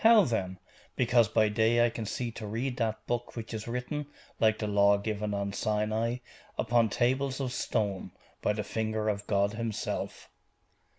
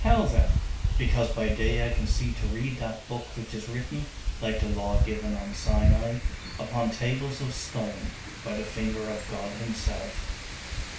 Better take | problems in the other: first | background sound (Wind); 3 dB above the speech // room echo; dies away in 0.3 s

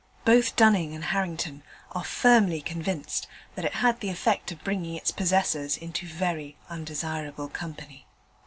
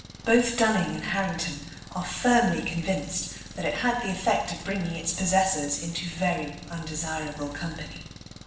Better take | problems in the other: first | background sound (Engine); 17 dB below the speech // room echo; dies away in 0.8 s

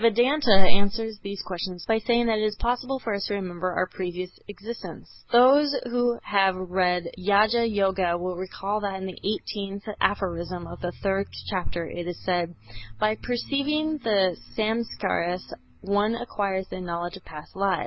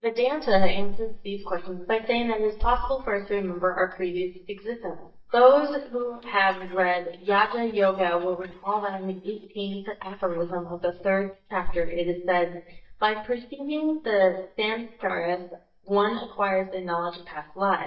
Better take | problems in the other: first | noise reduction (neural mask model DeepFilterNet 3)

